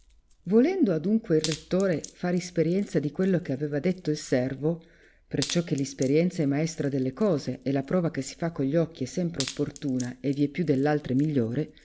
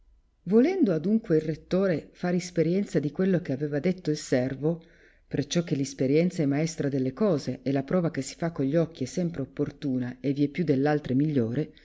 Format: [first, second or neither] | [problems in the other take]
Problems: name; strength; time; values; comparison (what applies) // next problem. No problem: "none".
second | background sound (Wood); 19 dB below the speech